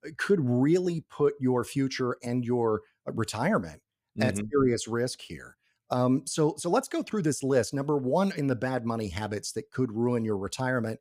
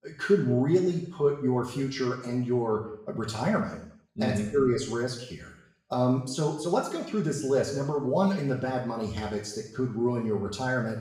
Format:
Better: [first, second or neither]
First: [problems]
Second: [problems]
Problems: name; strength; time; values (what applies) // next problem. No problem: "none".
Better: first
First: none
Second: room echo; noticeable; dies away in 0.6 s // off-mic speech; far